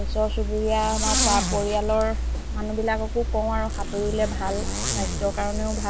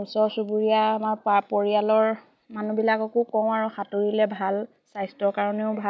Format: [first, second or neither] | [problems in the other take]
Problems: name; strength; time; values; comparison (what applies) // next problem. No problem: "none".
second | background sound (Zipper (clothing)); as loud as the speech